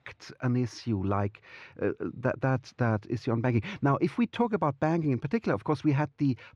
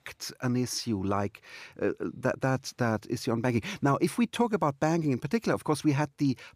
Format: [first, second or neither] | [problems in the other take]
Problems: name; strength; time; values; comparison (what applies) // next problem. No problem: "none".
second | muffled; slightly; fading above 3 kHz